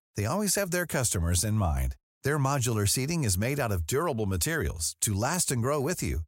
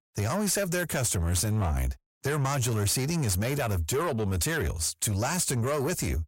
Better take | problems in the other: first | distortion; slight; 10 dB below the speech

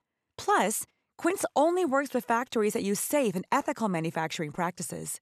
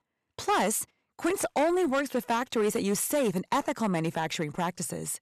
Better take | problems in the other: first | distortion; slight; 8% of the sound clipped

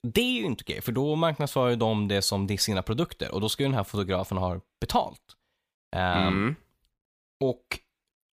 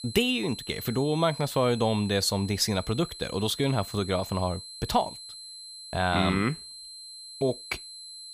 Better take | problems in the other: first | high-pitched whine; noticeable; throughout; 4 kHz, 15 dB below the speech

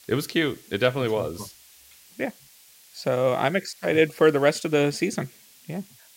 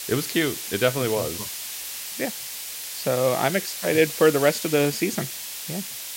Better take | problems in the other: first | hiss; loud; throughout; 7 dB below the speech; faint in the first

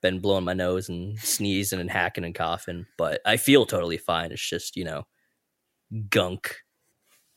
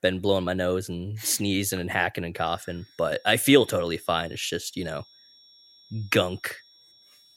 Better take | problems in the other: first | high-pitched whine; faint; from 2.5 s on; 5.5 kHz, 30 dB below the speech

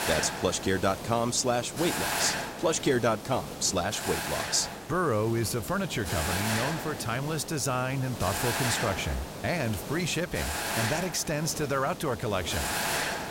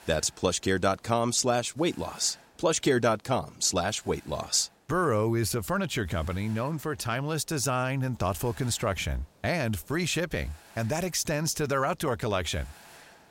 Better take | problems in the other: second | hiss; loud; throughout; 4 dB below the speech; faint in the second

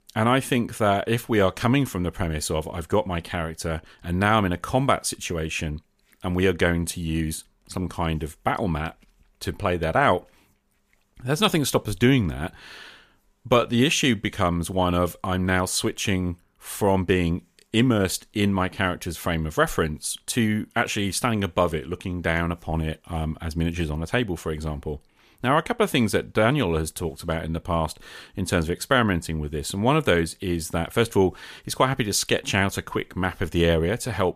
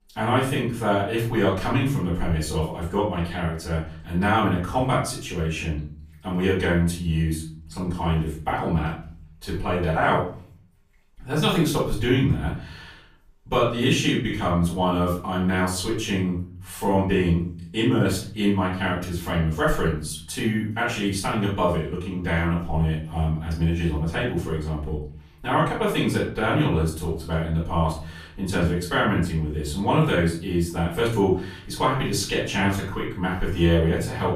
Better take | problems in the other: first | room echo; noticeable; dies away in 0.5 s // off-mic speech; far

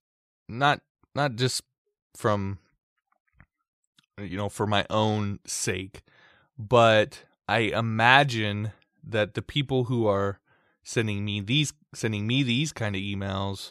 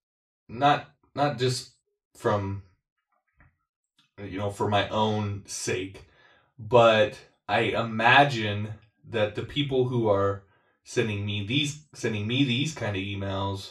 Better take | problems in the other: first | room echo; very slight; dies away in 0.3 s // off-mic speech; far

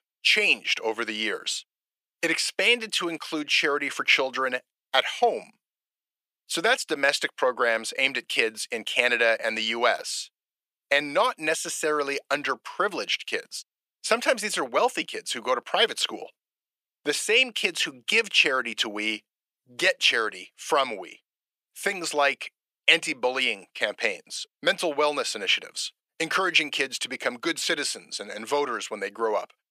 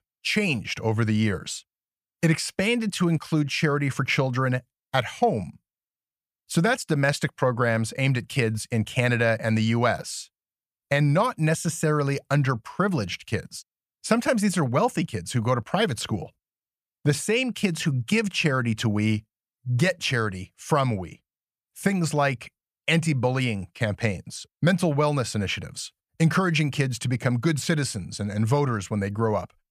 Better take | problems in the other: second | thin; very; fading below 350 Hz

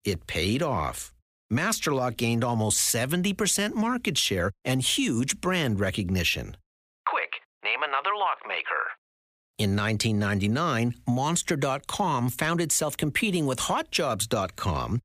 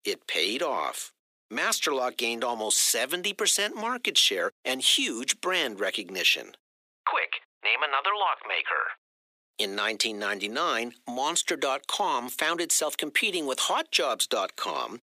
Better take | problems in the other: first | thin; somewhat; fading below 300 Hz

